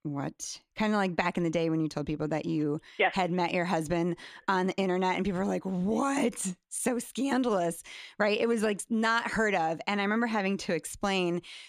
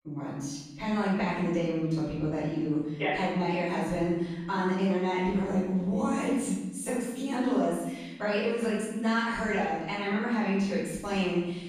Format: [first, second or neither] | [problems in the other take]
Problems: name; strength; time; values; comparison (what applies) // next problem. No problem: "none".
first | off-mic speech; far // room echo; strong; dies away in 1.1 s